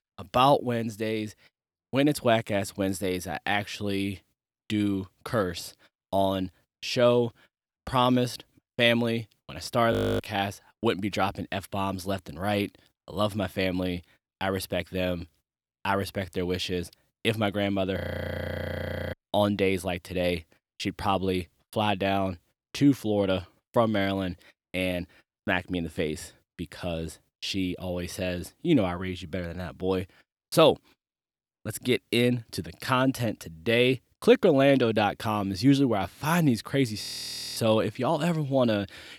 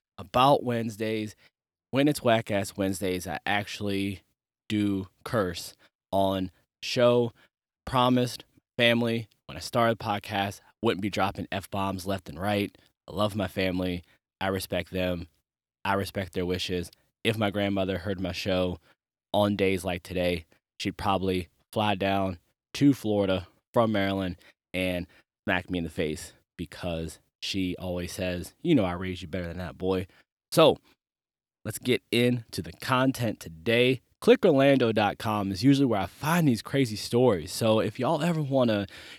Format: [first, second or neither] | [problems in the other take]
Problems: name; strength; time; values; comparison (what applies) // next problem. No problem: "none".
second | audio freezing; at 10 s, at 18 s for 1 s and at 37 s for 0.5 s